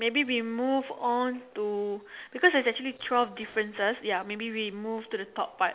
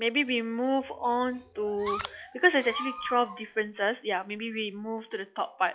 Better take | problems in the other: first | noise reduction (classical method log-MMSE)

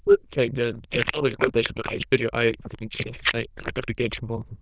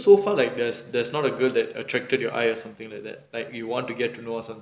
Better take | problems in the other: second | noise reduction (neural diffusion model UNIVERSE++)

